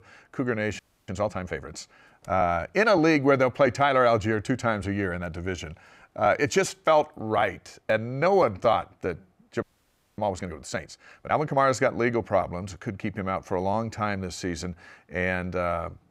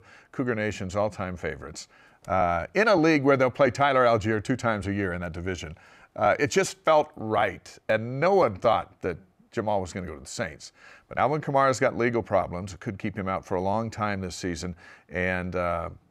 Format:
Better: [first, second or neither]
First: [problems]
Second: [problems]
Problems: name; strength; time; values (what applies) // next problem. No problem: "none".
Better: second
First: audio freezing; at 1 s and at 9.5 s for 0.5 s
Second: none